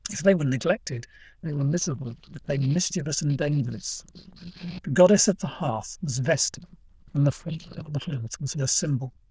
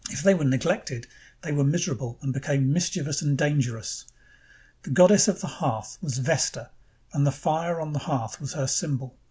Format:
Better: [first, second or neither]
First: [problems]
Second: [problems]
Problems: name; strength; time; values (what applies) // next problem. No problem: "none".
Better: second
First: noise reduction (neural diffusion model UNIVERSE++)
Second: none